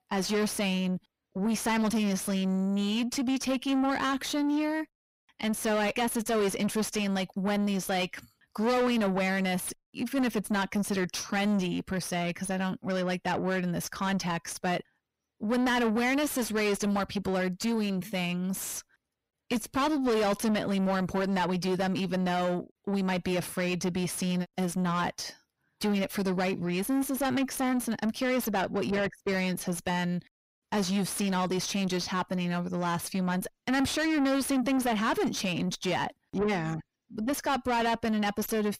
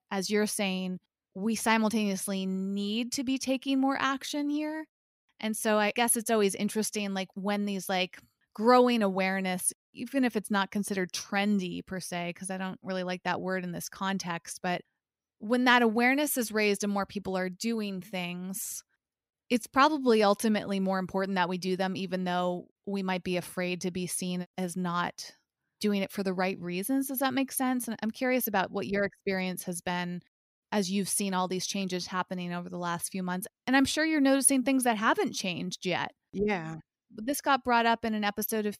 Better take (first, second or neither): second